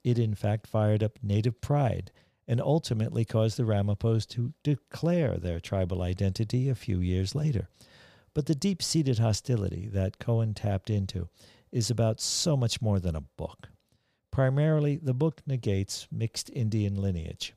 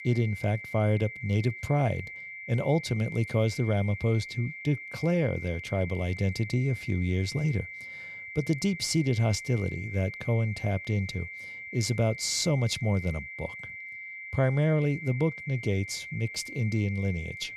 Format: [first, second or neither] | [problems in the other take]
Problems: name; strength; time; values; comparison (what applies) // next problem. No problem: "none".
first | high-pitched whine; noticeable; throughout; 2 kHz, 10 dB below the speech